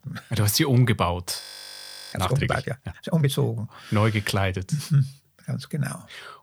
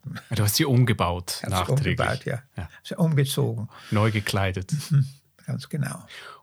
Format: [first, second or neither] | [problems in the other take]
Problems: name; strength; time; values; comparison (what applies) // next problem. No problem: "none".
second | audio freezing; at 1.5 s for 0.5 s